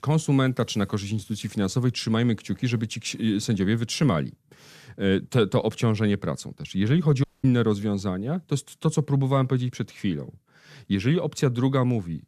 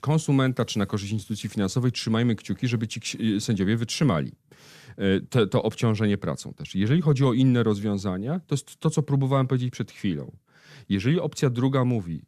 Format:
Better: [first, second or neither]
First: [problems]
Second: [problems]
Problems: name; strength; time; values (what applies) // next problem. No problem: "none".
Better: second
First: audio cutting out; at 7 s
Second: none